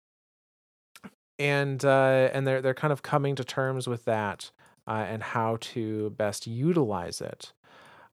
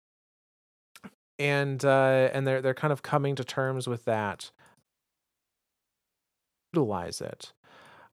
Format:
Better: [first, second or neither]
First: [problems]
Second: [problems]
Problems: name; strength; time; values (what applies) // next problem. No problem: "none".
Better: first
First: none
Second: audio cutting out; at 5 s for 2 s